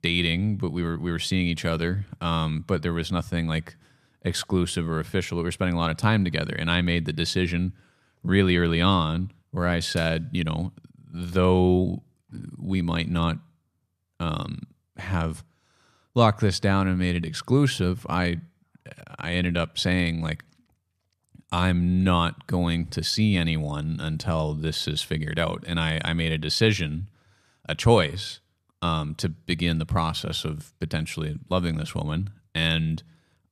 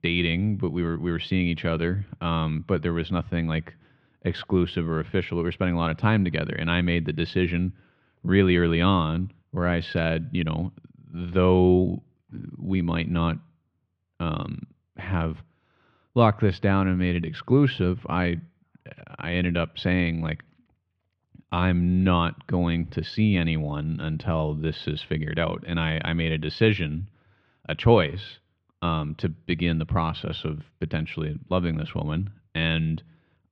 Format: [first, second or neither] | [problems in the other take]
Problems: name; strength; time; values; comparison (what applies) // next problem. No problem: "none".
first | muffled; slightly; fading above 3 kHz